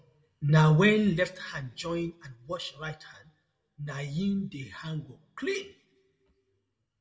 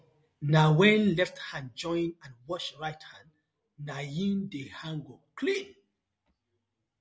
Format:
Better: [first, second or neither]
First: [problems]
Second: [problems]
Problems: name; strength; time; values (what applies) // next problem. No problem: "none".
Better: second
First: room echo; dies away in 0.7 s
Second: none